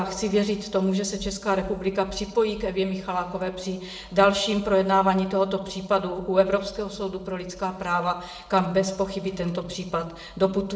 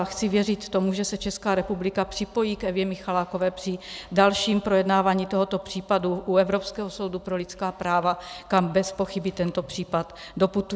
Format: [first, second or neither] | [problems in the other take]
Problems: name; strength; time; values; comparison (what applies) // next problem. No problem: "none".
second | room echo; dies away in 0.6 s